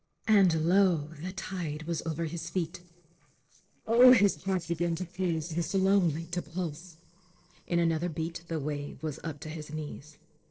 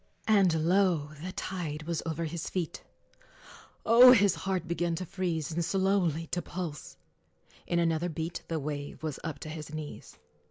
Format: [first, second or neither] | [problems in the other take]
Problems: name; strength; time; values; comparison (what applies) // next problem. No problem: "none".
second | noise reduction (neural separator model SepFormer DNS4)